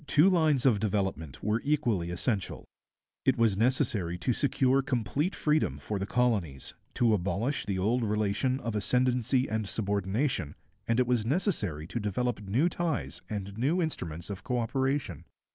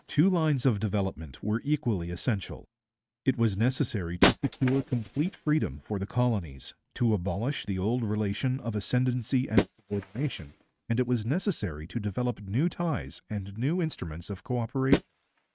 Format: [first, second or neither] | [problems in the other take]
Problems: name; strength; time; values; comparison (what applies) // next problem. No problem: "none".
first | noise reduction (neural mask model RNNoise)